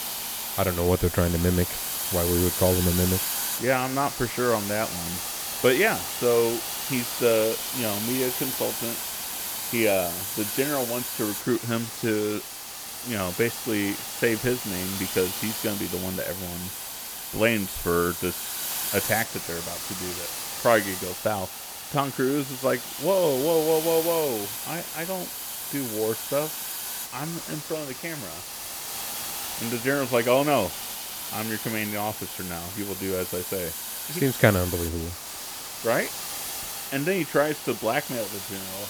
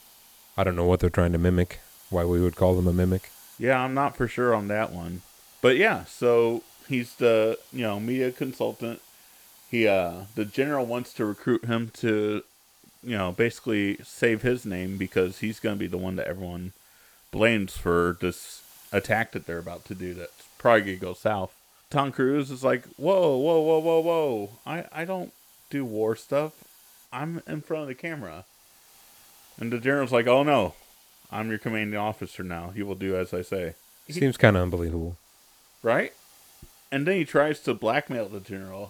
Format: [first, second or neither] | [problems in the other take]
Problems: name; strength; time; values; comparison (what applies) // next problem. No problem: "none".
second | hiss; loud; throughout; 4 dB below the speech; faint in the second